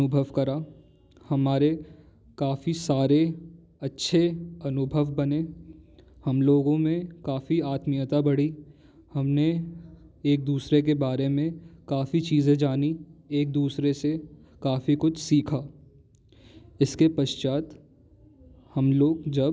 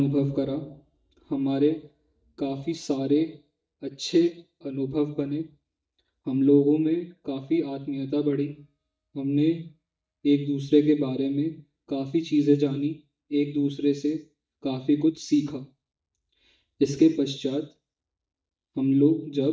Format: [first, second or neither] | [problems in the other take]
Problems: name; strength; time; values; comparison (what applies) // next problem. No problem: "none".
first | noise reduction (neural mask model DeepFilterNet 3)